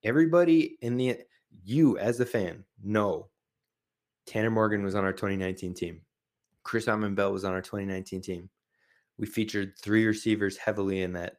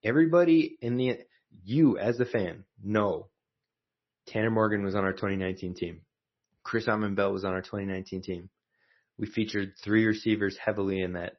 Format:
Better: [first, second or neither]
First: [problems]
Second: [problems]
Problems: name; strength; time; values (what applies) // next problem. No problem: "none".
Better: first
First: none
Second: garbled, watery; slightly; nothing above 6 kHz